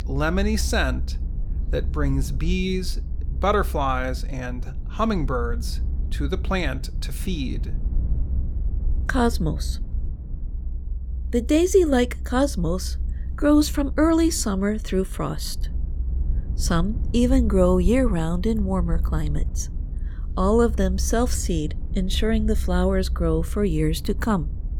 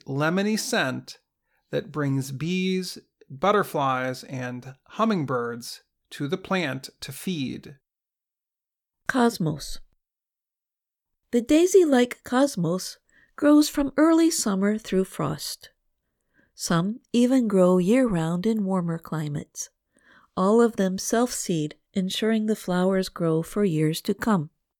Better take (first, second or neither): second